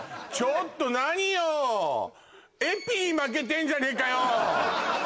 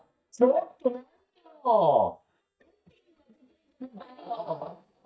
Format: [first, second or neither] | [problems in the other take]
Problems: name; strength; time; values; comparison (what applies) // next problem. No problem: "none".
first | noise reduction (neural mask model DeepFilterNet 3)